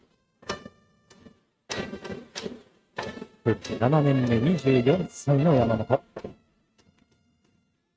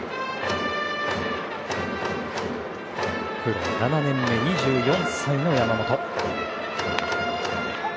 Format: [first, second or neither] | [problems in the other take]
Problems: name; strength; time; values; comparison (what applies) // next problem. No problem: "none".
second | noise reduction (neural mask model RNNoise)